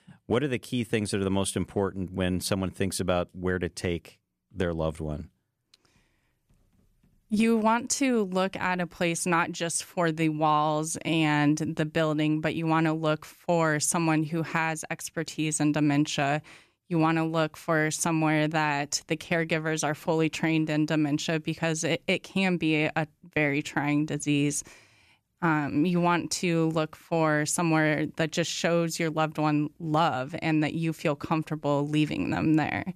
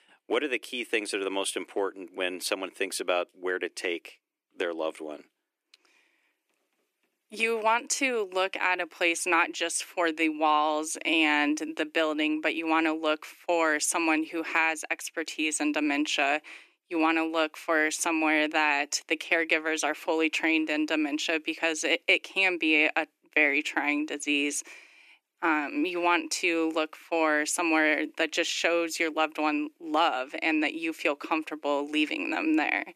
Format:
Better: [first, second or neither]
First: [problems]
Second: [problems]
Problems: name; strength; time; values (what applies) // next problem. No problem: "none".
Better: first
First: none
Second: thin; somewhat; fading below 300 Hz